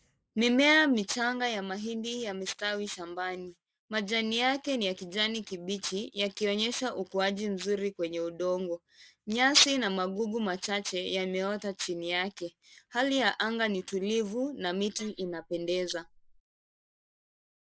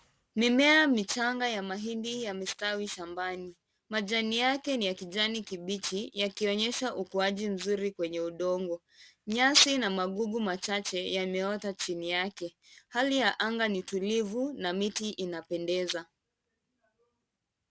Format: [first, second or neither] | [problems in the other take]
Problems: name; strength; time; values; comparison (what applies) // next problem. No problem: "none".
second | noise reduction (neural mask model Resemble Enhance denoiser)